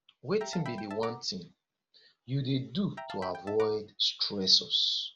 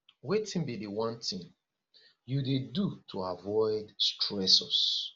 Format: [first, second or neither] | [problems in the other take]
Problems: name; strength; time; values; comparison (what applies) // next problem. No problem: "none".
second | background sound (Ringtone / Keyboard (musical)); 14 dB below the speech